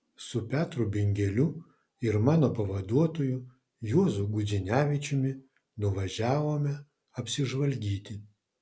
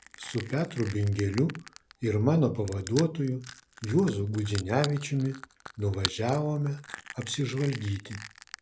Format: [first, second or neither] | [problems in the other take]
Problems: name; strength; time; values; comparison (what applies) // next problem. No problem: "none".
first | background sound (Crushing); 15 dB below the speech